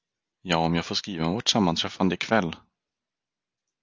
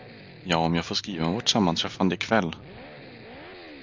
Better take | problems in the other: first | background sound (Accelerating, revving, vroom); 17 dB below the speech

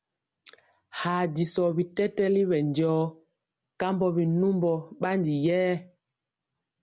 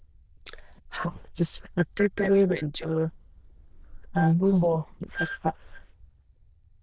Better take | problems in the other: first | noise reduction (neural diffusion model UNIVERSE++)

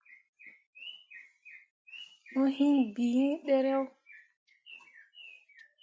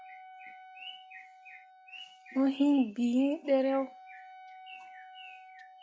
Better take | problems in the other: first | background sound (Wind instrument, woodwind instrument); 20 dB below the speech

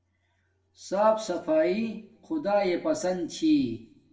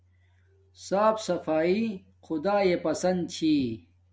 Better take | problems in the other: second | room echo; dies away in 0.5 s

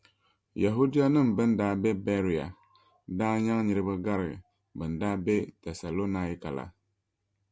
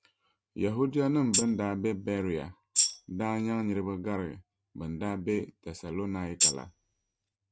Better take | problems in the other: first | noise reduction (neural mask model RNNoise)

